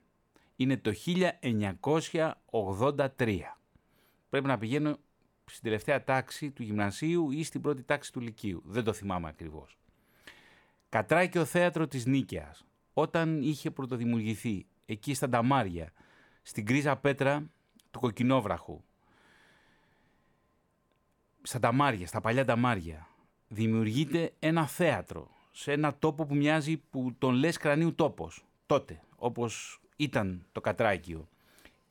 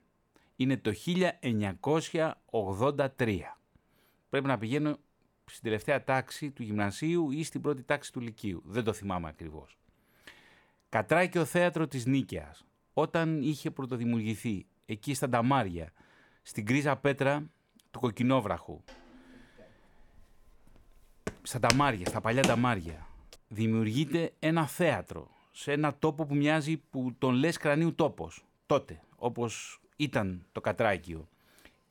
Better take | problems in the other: first | footsteps; noticeable; from 21 to 23 s; peak level with the speech

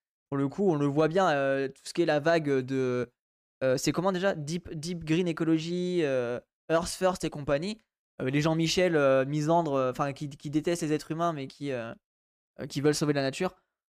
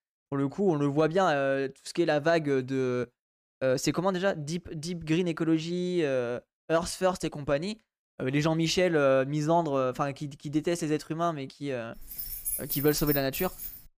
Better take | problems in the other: first | jangling keys; noticeable; from 12 s on; peak 2 dB below the speech

